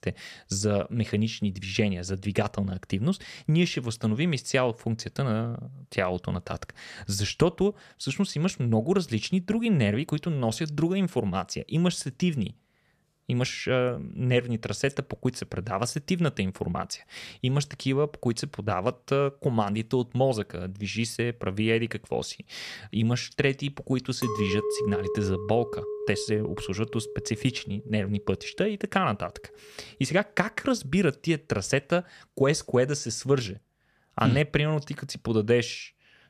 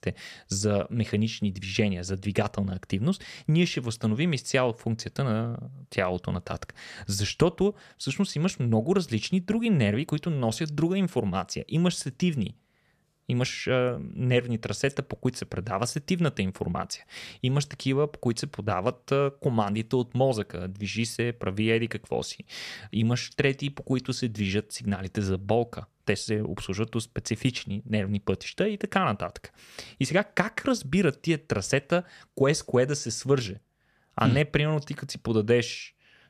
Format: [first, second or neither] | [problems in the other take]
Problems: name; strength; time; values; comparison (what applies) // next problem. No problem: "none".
second | clattering dishes; noticeable; from 24 to 28 s; peak 2 dB below the speech